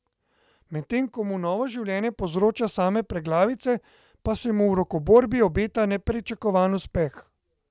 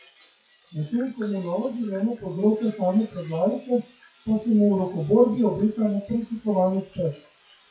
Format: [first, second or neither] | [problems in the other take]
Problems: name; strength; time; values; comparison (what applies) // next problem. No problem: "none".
first | noise reduction (classical method WPE with log-MMSE)